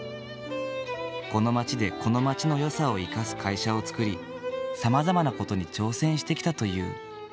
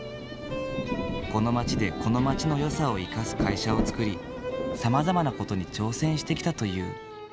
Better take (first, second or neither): first